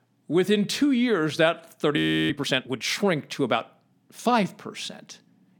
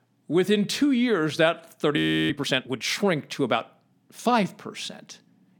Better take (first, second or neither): neither